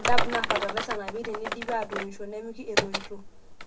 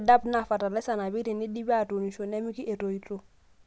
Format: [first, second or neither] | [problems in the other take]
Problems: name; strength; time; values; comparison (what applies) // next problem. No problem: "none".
second | background sound (Typing); 3 dB below the speech // room echo; dies away in 0.2 s